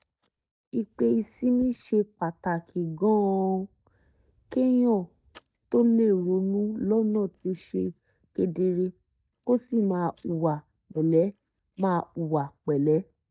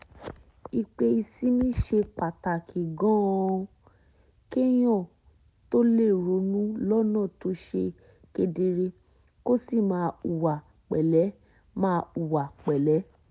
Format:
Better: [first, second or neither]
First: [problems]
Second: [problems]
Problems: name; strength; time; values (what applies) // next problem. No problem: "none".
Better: second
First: noise reduction (neural mask model DeepFilterNet 3)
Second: none